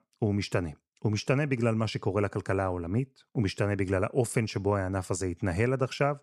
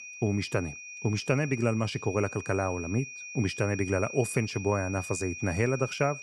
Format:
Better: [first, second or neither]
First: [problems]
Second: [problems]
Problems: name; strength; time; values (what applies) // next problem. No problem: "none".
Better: first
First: none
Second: high-pitched whine; loud; throughout; 2.5 kHz, 10 dB below the speech